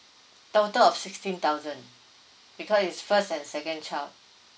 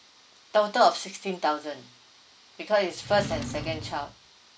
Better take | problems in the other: first | background sound (Drawer open or close); 9 dB below the speech

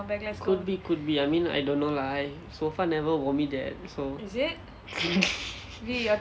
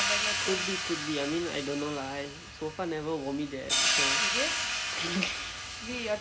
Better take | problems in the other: first | background sound (Hi-hat); 2 dB above the speech

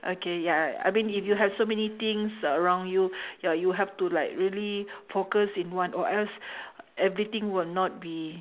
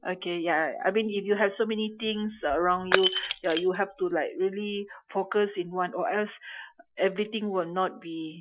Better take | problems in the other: first | noise reduction (classical method Wiener filter)

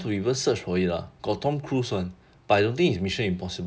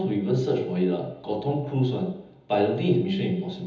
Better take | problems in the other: first | room echo; dies away in 1.3 s

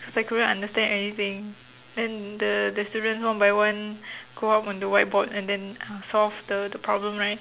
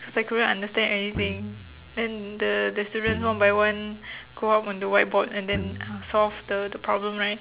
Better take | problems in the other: first | background sound (Guitar); 12 dB below the speech

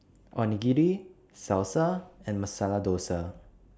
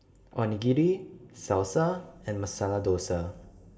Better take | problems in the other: first | room echo; dies away in 1.7 s

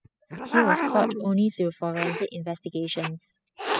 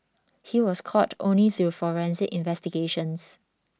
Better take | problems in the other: second | noise reduction (classical method spectral subtraction)

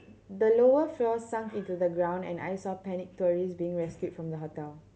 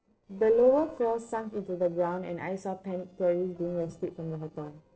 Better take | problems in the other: first | noise reduction (neural separator model SepFormer DNS4)

